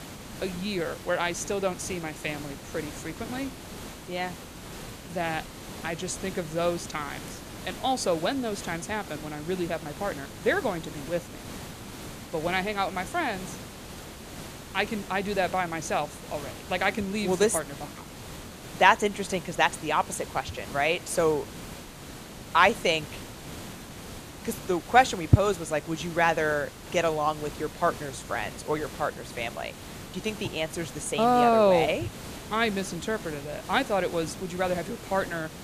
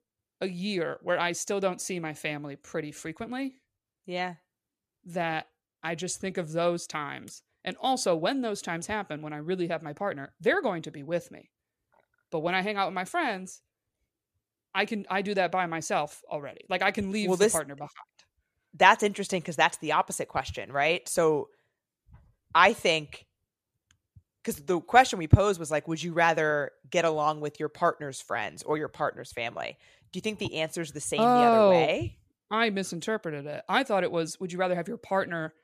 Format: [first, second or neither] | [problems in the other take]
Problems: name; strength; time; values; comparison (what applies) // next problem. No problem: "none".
second | hiss; noticeable; throughout; 15 dB below the speech